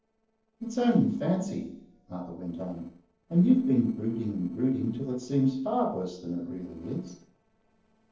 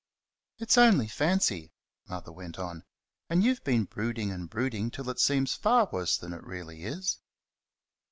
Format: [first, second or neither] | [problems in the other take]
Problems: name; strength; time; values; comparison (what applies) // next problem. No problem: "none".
second | noise reduction (neural separator model SepFormer DNS4)